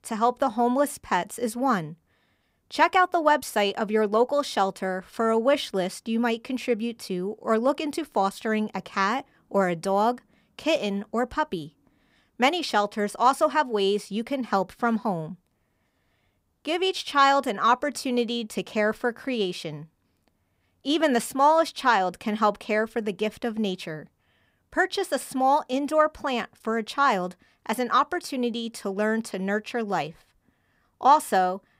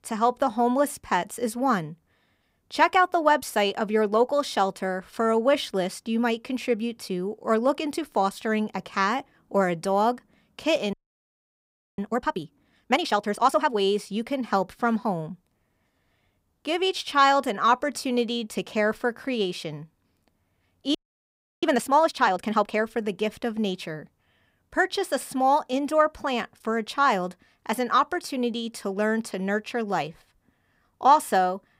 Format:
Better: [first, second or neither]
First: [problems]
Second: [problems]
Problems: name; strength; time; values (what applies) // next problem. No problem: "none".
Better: first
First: none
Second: audio freezing; at 11 s for 1 s and at 21 s for 0.5 s